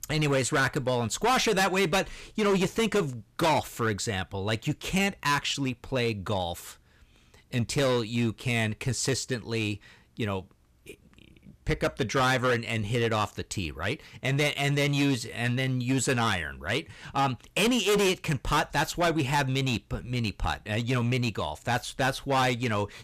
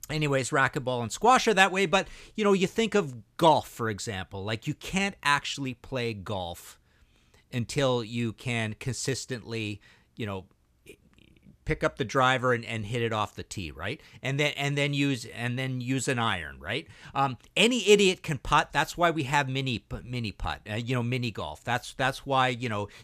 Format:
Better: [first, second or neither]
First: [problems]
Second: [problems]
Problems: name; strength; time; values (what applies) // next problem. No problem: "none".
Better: second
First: distortion; heavy; 9% of the sound clipped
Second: none